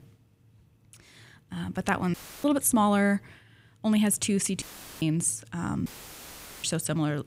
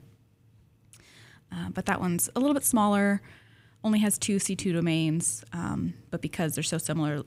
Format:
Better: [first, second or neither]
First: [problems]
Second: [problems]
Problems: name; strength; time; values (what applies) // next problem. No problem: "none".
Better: second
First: audio cutting out; filled with static; at 2 s, at 4.5 s and at 6 s for 1 s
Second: none